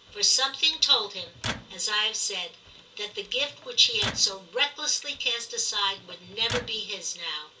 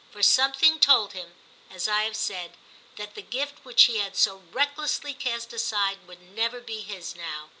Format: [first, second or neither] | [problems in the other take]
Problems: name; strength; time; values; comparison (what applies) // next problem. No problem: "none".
second | background sound (Microwave oven); 13 dB below the speech // room echo; dies away in 0.2 s